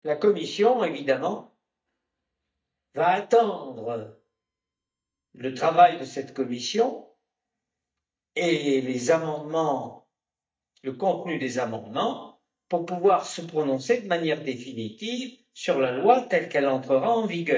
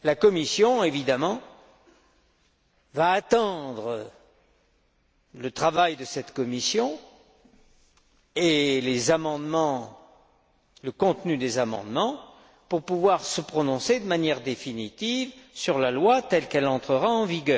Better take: second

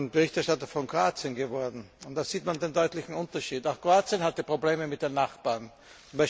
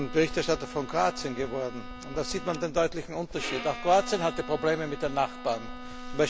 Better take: first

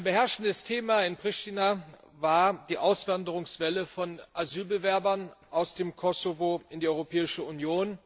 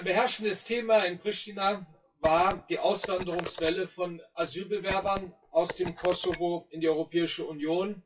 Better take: first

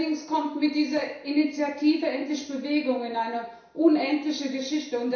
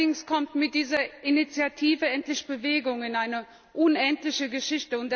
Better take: second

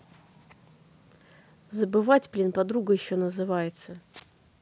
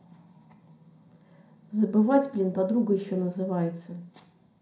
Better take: first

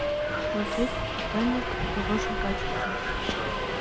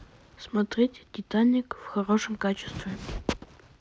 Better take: second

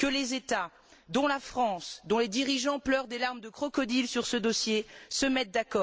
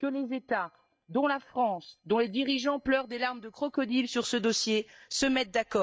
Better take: first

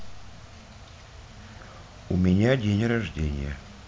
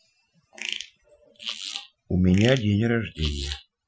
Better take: first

